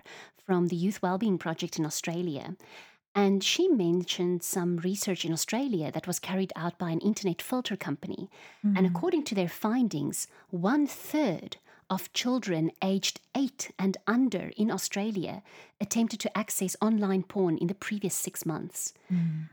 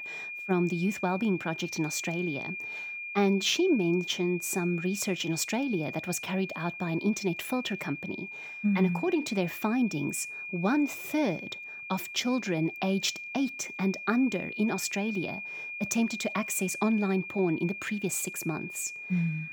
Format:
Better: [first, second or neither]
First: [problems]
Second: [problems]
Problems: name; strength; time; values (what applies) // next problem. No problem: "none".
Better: first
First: none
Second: high-pitched whine; loud; throughout; 2.5 kHz, 8 dB below the speech